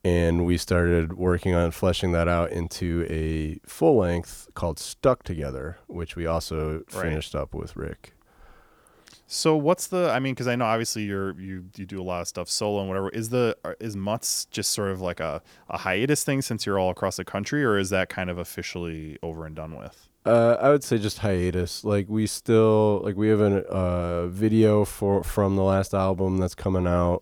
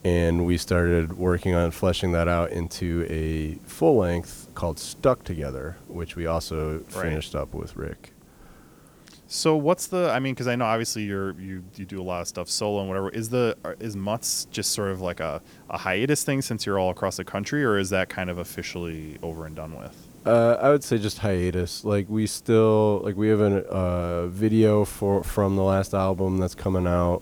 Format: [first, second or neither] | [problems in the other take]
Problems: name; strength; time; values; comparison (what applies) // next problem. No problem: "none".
first | hiss; faint; throughout; 25 dB below the speech